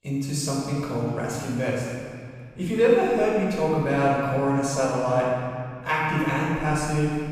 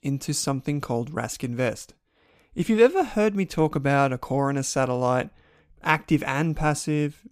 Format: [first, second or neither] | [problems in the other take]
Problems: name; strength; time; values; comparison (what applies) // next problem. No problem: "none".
second | off-mic speech; far // room echo; strong; dies away in 1.9 s